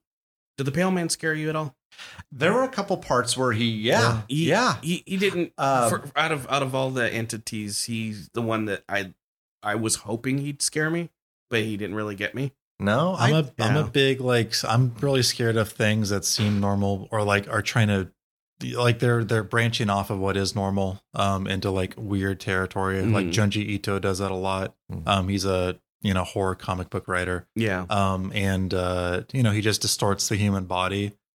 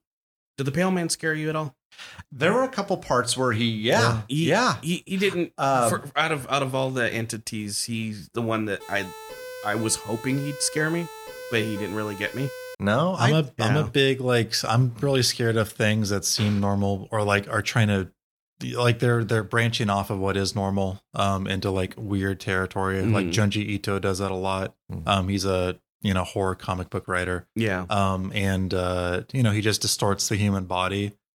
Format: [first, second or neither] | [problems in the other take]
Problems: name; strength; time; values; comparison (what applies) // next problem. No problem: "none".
first | siren; faint; from 9 to 13 s; peak 10 dB below the speech